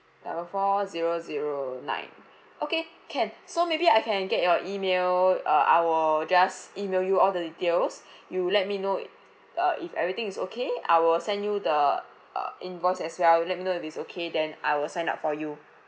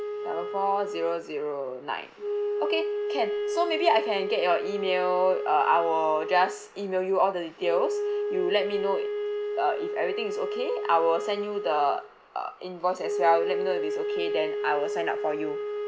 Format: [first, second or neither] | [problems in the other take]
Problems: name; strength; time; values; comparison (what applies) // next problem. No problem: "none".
first | background sound (Wind instrument, woodwind instrument); 3 dB below the speech